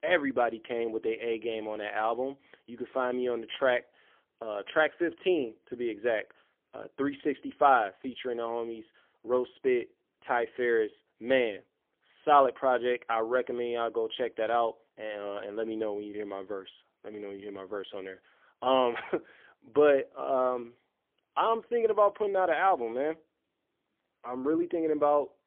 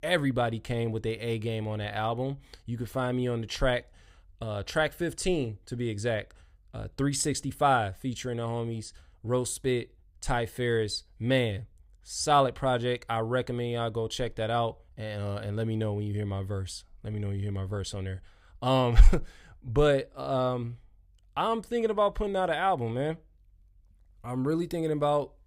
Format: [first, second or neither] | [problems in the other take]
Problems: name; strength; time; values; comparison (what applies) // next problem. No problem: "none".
second | phone-call audio; poor line; nothing above 3.5 kHz